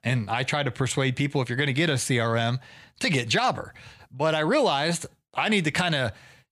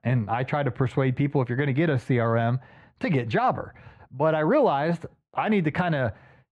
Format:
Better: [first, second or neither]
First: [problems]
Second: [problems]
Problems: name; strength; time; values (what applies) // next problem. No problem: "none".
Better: first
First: none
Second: muffled; very; fading above 3 kHz